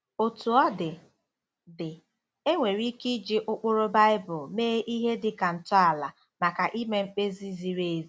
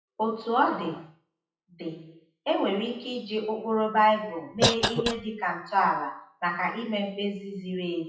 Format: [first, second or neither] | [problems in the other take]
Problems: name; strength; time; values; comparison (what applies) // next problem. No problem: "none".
first | noise reduction (classical method WPE with log-MMSE)